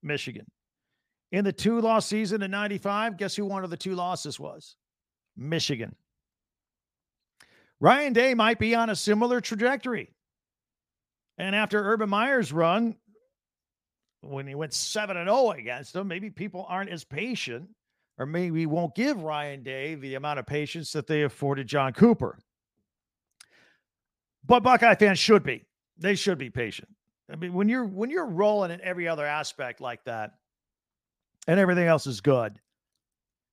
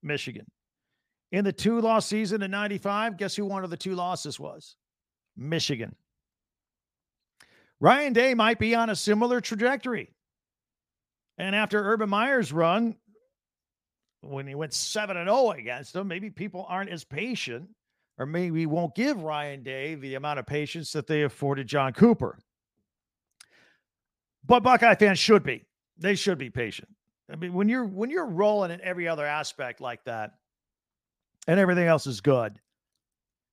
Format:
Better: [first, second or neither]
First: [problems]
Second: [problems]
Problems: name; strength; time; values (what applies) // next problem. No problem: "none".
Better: neither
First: none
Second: none